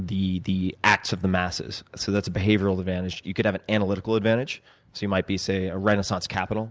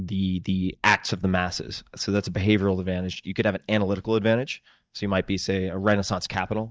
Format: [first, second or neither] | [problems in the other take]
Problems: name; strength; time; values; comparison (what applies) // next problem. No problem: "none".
first | noise reduction (neural mask model DeepFilterNet 3)